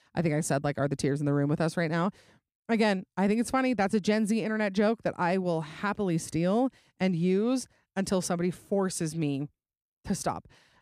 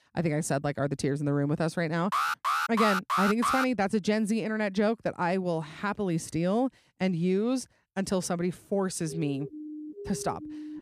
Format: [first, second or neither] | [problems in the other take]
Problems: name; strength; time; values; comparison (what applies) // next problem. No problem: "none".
first | alarm; loud; from 2 to 3.5 s; peak 2 dB above the speech // siren; faint; from 9 s on; peak 10 dB below the speech